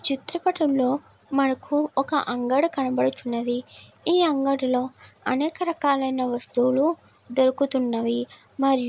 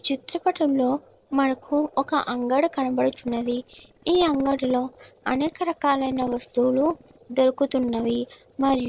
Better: first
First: none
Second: noise reduction (neural separator model SepFormer DNS4)

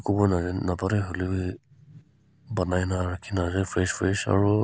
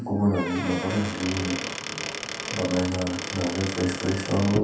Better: first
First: none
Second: background sound (Squeak / Wood); 6 dB below the speech // room echo; dies away in 0.7 s

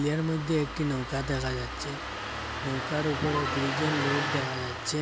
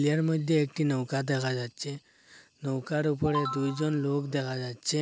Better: second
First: background sound (Engine starting); 3 dB below the speech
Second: none

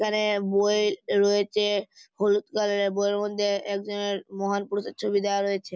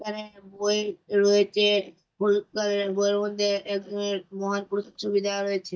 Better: first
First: none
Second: noise reduction (neural mask model DeepFilterNet 3)

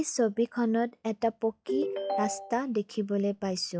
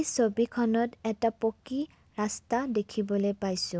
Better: second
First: noise reduction (classical method log-MMSE)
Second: none

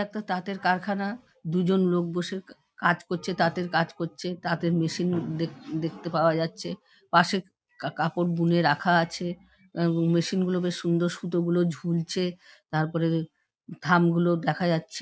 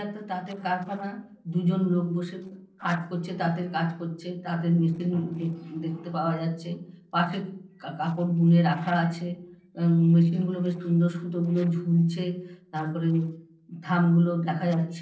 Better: first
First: none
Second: noise reduction (neural separator model SepFormer DNS4)

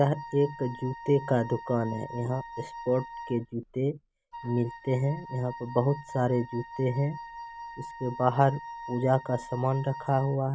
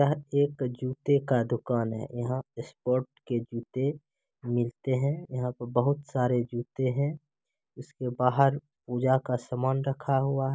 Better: second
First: background sound (Wind instrument, woodwind instrument); 13 dB below the speech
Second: none

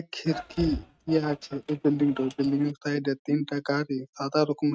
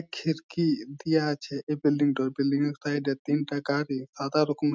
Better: second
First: noise reduction (neural mask model RNNoise)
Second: none

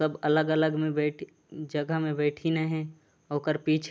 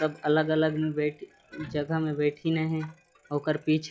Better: first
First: none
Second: noise reduction (classical method log-MMSE)

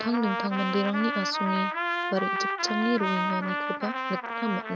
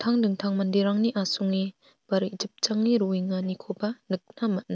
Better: second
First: background sound (Trumpet); 1 dB below the speech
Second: none

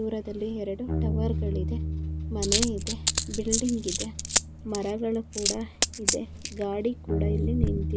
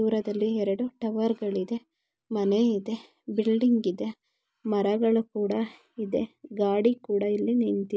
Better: second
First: background sound (Coin (dropping) + Bass guitar); 3 dB above the speech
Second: none

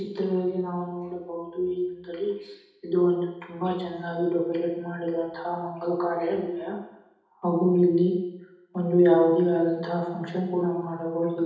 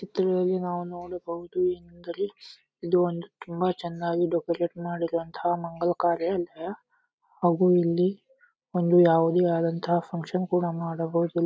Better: second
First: room echo; dies away in 0.9 s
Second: none

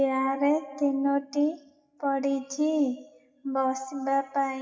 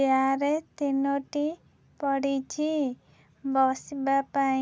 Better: second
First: noise reduction (classical method WPE with log-MMSE)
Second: none

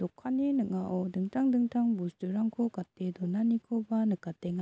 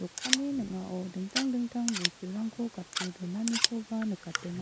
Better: first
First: none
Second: background sound (Scissors); 2 dB below the speech

